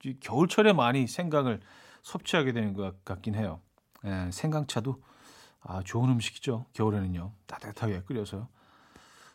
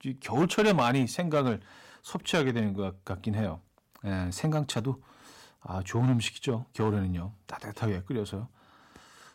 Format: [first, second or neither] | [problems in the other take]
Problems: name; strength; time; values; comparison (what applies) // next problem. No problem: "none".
first | distortion; slight; 3% of the sound clipped